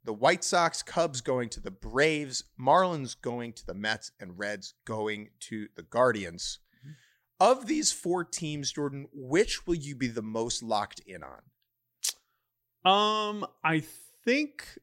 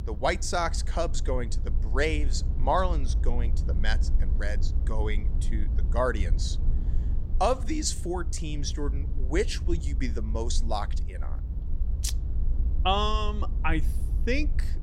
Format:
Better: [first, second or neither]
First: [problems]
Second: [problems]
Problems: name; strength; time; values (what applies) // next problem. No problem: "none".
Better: first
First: none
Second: low rumble; noticeable; throughout; 20 dB below the speech